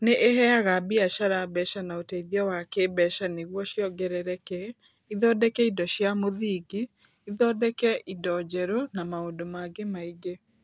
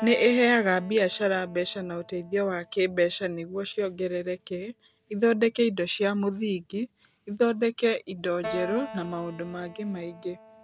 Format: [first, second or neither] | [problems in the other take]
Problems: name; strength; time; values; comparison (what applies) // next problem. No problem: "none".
first | background sound (Keyboard (musical)); 18 dB below the speech